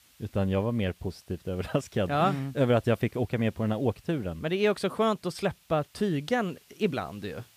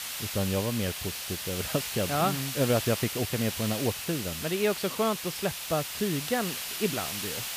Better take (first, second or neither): first